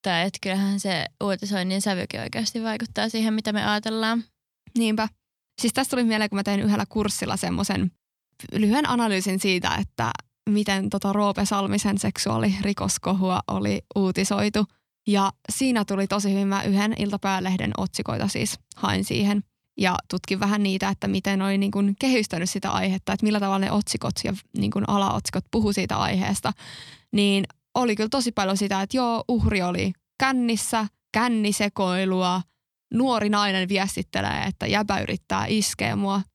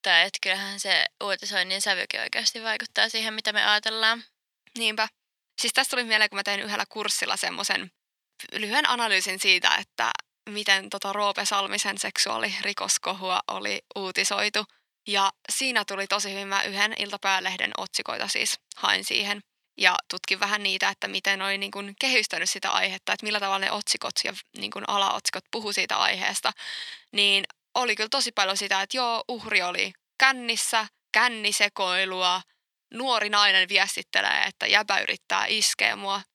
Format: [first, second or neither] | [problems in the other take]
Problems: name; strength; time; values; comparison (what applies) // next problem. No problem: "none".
first | thin; very; fading below 550 Hz